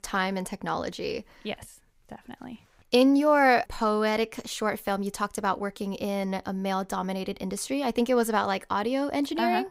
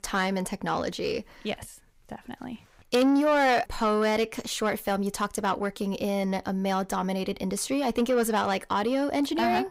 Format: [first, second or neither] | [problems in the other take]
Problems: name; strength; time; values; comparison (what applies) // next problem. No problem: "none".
first | distortion; slight; 10 dB below the speech